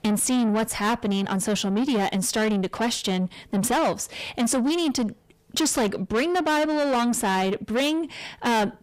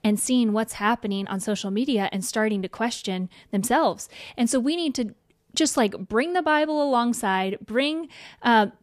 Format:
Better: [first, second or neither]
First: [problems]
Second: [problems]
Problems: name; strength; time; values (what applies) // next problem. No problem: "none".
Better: second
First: distortion; heavy; 8 dB below the speech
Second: none